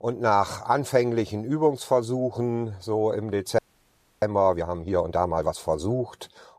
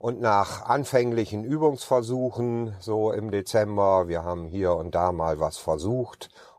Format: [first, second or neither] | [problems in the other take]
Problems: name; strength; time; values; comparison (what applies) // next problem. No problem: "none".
second | audio freezing; at 3.5 s for 0.5 s